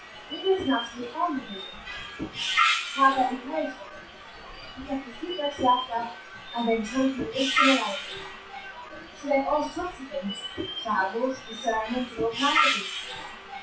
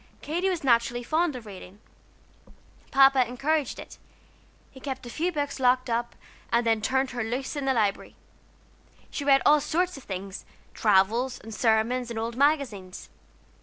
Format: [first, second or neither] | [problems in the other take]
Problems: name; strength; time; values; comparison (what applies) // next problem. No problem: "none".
second | noise reduction (classical method WPE with log-MMSE)